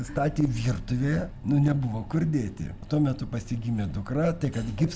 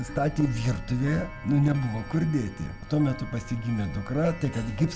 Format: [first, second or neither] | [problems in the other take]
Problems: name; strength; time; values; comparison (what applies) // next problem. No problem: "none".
first | background sound (Clock); 18 dB below the speech